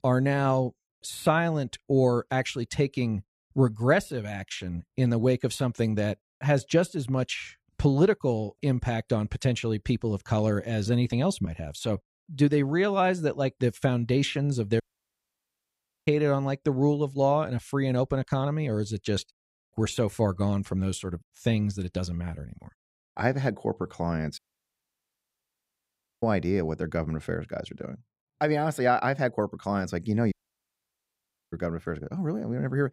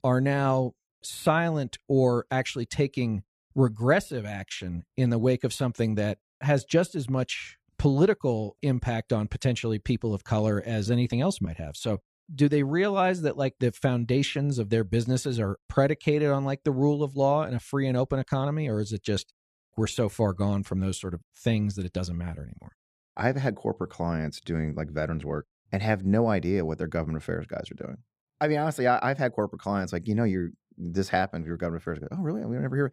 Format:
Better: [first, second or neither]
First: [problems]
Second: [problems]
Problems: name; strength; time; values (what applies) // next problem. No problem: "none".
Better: second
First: audio cutting out; at 15 s for 1.5 s, at 24 s for 2 s and at 30 s for 1 s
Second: none